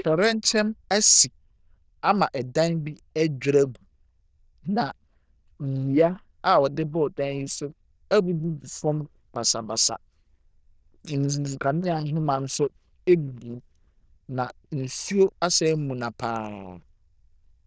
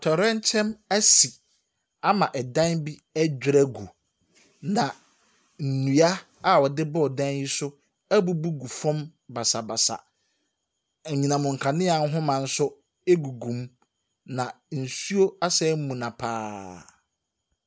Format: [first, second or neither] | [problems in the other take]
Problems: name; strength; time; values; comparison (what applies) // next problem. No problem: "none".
second | noise reduction (neural diffusion model UNIVERSE++)